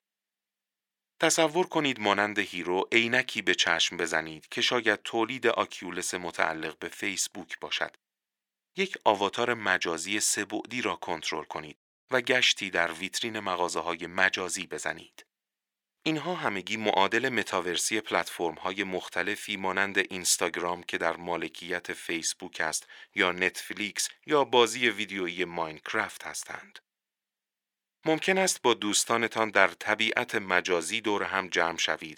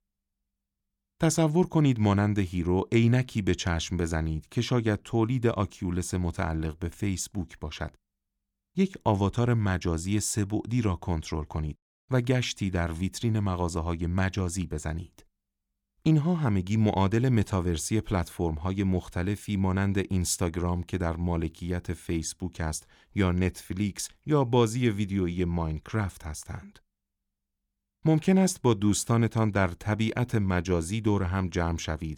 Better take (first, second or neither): second